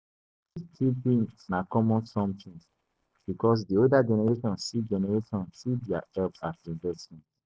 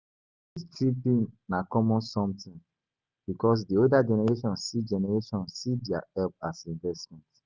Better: second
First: noise reduction (neural separator model SepFormer DNS4)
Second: none

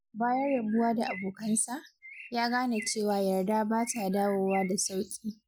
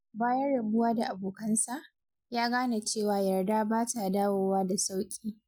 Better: second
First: background sound (Bird); 18 dB below the speech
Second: none

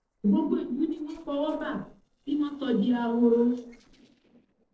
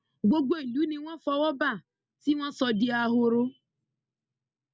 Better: second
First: noise reduction (neural separator model SepFormer DNS4)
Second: none

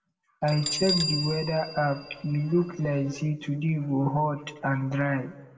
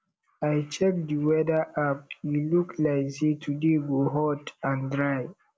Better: second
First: background sound (Bell); 10 dB below the speech // room echo; dies away in 1.2 s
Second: none

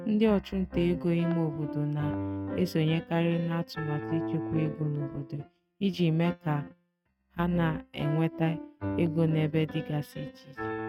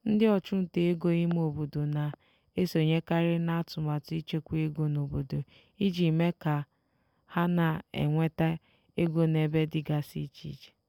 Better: second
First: noise reduction (neural mask model RNNoise)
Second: none

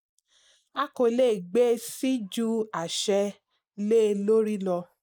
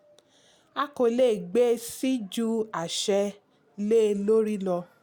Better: second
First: noise reduction (neural mask model Resemble Enhance denoiser)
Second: none

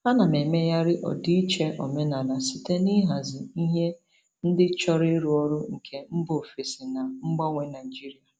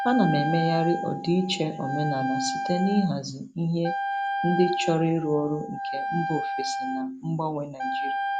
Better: first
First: none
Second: background sound (Wind instrument, woodwind instrument); 4 dB below the speech

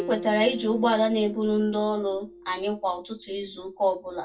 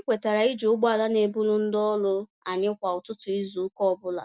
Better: second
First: background sound (Acoustic guitar); 14 dB below the speech // room echo; dies away in 0.2 s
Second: none

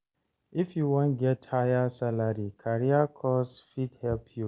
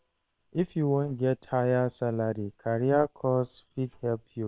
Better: first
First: none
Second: noise reduction (neural separator model SepFormer WHAM!)

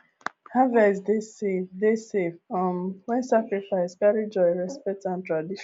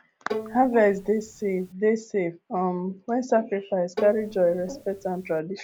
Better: first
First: none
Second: background sound (Bowed string instrument); 12 dB below the speech

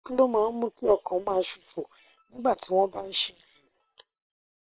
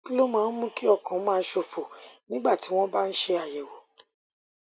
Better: second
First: noise reduction (neural separator model SepFormer WHAM!)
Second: none

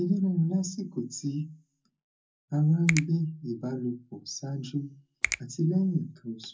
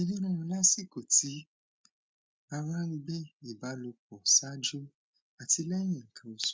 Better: second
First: background sound (Finger snapping); 7 dB below the speech // room echo; dies away in 0.4 s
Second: none

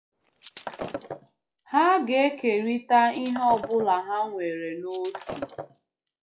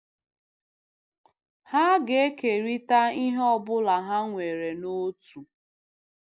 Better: second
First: noise reduction (classical method WPE with log-MMSE)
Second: none

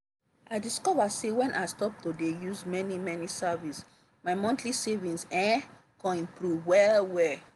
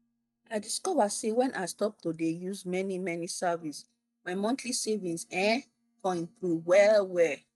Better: first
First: none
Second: noise reduction (neural mask model DeepFilterNet 3)

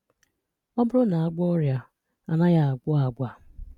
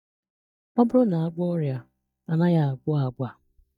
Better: first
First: none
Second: noise reduction (neural mask model DeepFilterNet 3)

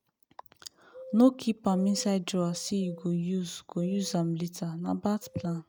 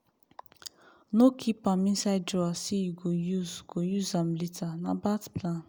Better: second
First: noise reduction (neural mask model RNNoise)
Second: none

